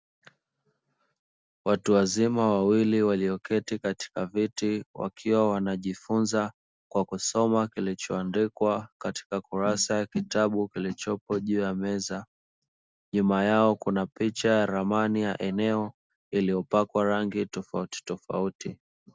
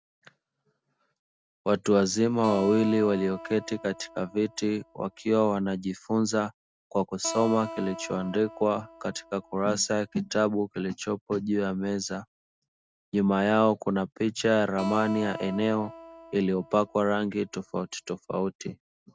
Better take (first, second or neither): first